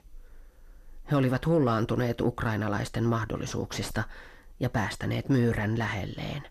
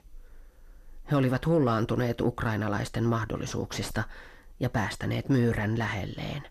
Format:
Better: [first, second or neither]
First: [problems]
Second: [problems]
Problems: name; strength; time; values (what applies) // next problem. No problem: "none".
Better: neither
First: distortion; slight; 10 dB below the speech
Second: distortion; slight; 10 dB below the speech